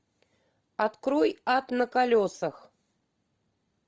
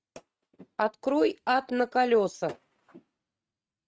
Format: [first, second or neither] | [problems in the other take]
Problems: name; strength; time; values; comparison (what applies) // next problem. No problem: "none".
first | noise reduction (neural mask model RNNoise)